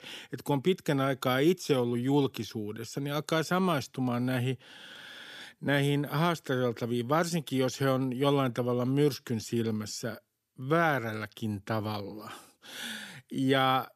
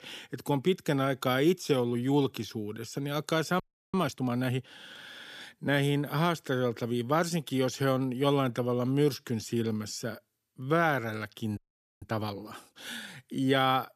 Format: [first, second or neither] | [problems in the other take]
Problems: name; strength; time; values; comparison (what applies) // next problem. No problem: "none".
first | audio freezing; at 3.5 s and at 12 s